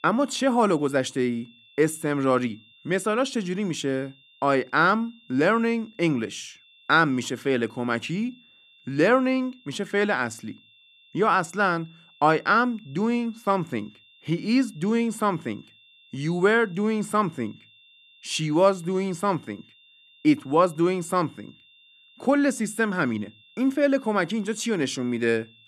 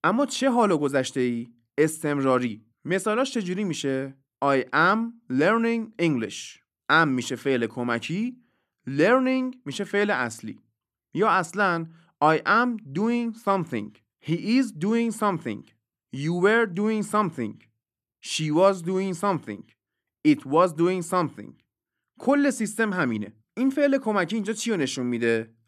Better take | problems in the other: second | high-pitched whine; faint; throughout; 3.5 kHz, 30 dB below the speech

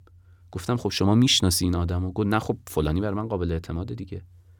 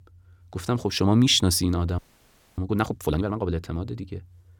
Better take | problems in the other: first | audio freezing; at 2 s for 0.5 s

